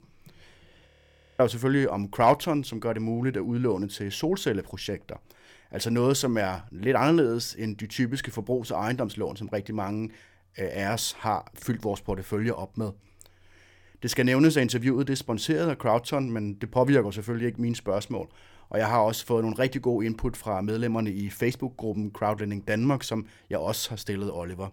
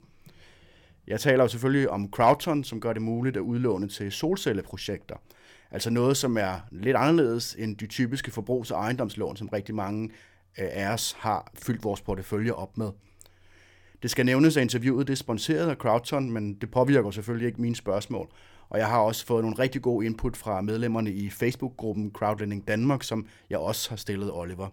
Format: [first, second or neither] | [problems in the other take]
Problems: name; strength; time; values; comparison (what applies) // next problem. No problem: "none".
second | audio freezing; at 1 s for 0.5 s